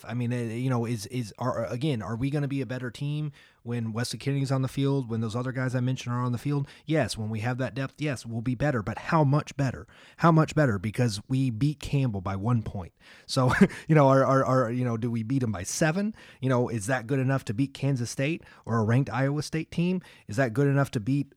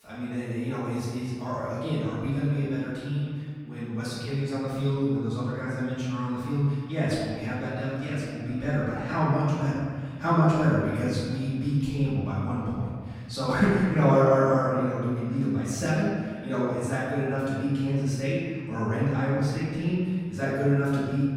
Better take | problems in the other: first | off-mic speech; far // room echo; strong; dies away in 1.7 s

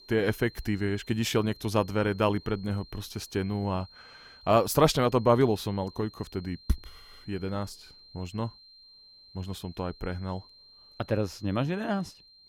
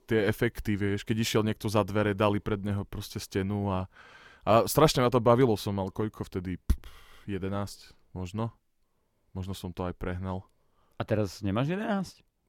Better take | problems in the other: second | high-pitched whine; faint; throughout; 4 kHz, 20 dB below the speech

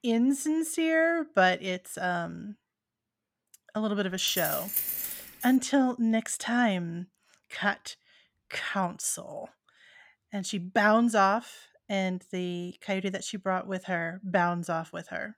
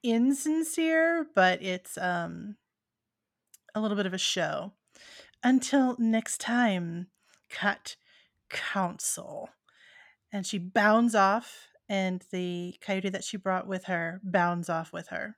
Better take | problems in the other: second | jangling keys; loud; from 4 to 5.5 s; peak level with the speech

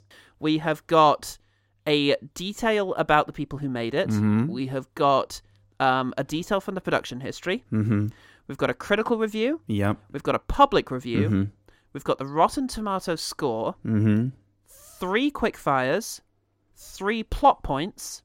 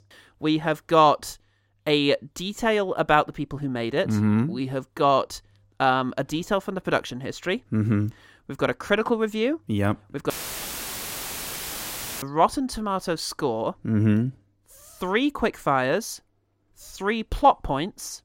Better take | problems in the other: first | audio cutting out; filled with static; at 10 s for 2 s

